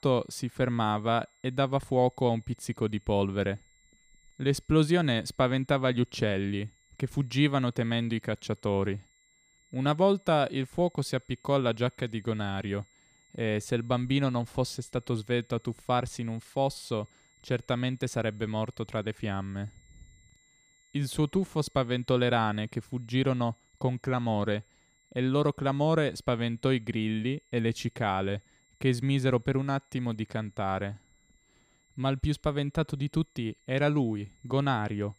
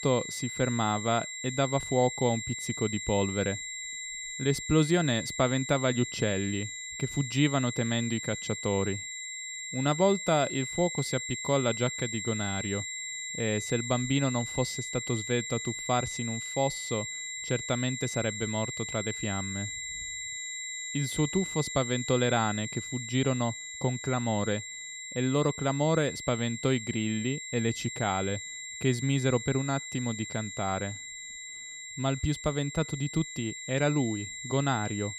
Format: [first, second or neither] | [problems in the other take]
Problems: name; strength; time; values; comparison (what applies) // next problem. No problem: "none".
first | high-pitched whine; loud; throughout; 2 kHz, 6 dB below the speech; faint in the first